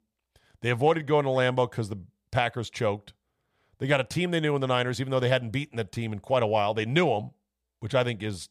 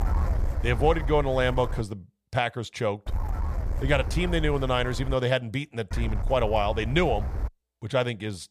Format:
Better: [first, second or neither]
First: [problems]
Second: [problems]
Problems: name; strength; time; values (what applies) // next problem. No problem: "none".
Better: first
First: none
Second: wind noise on the microphone; occasional gusts; until 2 s, from 3 to 5 s and from 6 to 7.5 s; 15 dB below the speech